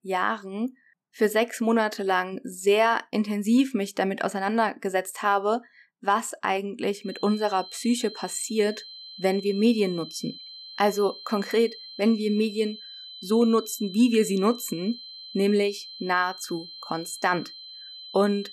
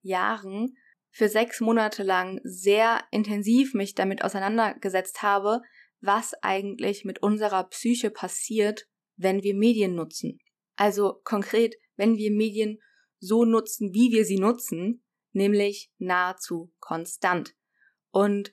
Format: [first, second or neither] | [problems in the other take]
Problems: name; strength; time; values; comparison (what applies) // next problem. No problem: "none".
second | high-pitched whine; noticeable; from 7 s on; 4 kHz, 15 dB below the speech